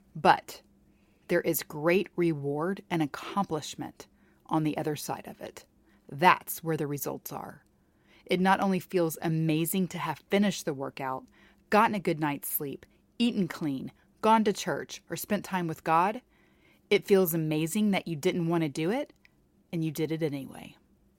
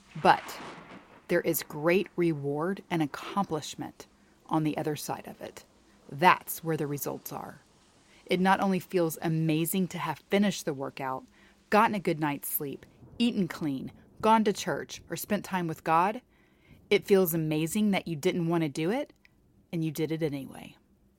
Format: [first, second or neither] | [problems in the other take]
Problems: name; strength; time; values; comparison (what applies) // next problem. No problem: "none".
first | rain or running water; faint; throughout; 25 dB below the speech